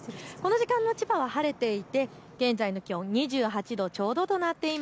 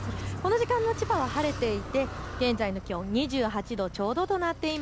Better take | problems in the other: first | background sound (Car); 9 dB below the speech

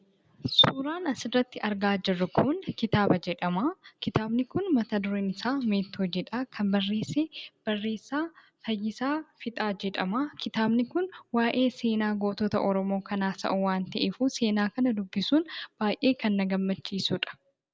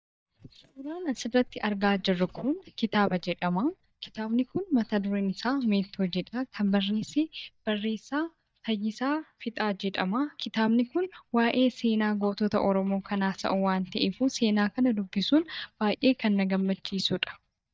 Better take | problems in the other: first | noise reduction (neural mask model DeepFilterNet 3)

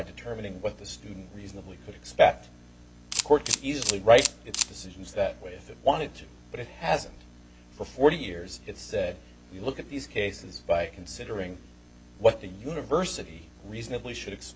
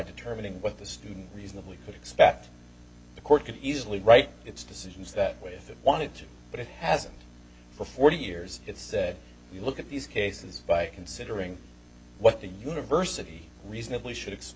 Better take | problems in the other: second | background sound (Camera); 3 dB below the speech

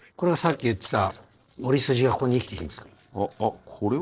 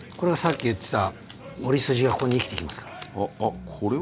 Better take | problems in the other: second | noise reduction (neural separator model SepFormer DNS4)

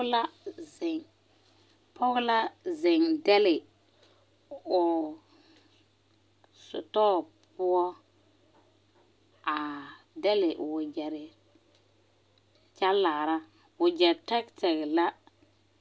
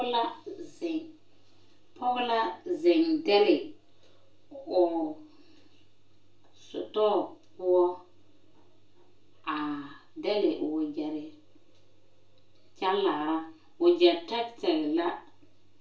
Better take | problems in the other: first | room echo; dies away in 0.3 s

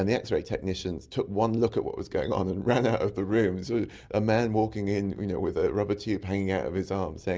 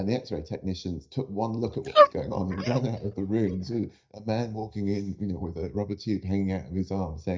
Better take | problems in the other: first | noise reduction (neural mask model DeepFilterNet 3)

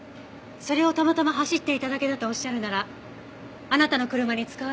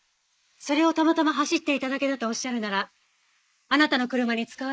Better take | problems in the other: first | noise reduction (neural mask model Resemble Enhance denoiser)

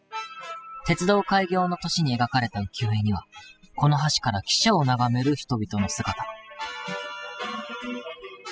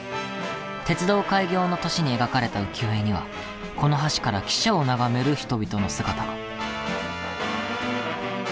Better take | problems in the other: second | noise reduction (classical method spectral subtraction)

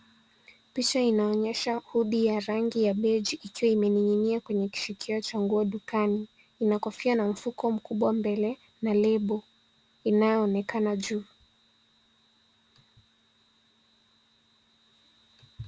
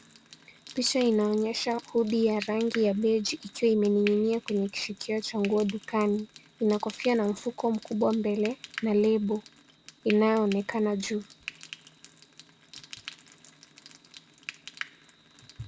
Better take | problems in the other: first | background sound (Frying (food)); 18 dB below the speech

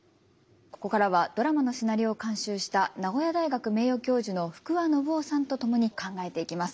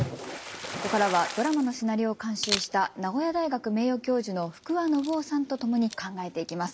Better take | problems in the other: first | background sound (Camera + Splash, splatter); 10 dB below the speech

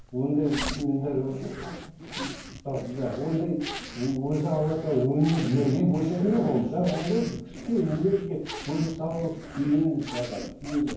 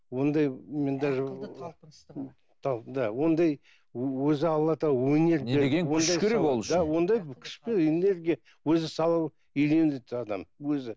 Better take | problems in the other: second | background sound (Zipper (clothing)); 13 dB below the speech // room echo; dies away in 0.9 s

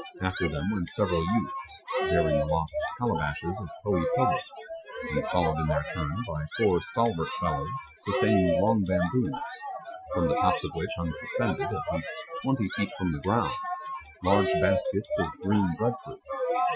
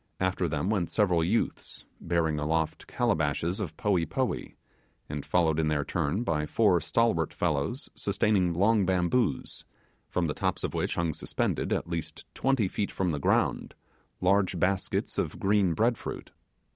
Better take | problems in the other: second | noise reduction (classical method Wiener filter)

